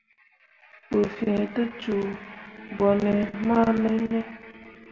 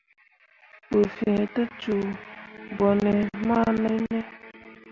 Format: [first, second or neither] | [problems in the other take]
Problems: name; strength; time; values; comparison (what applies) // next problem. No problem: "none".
second | room echo; dies away in 2.2 s